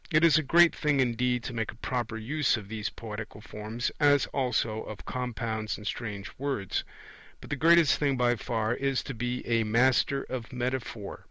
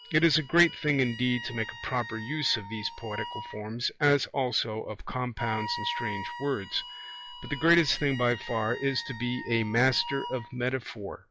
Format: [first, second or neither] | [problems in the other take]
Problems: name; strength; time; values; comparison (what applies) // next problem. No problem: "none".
first | noise reduction (classical method log-MMSE)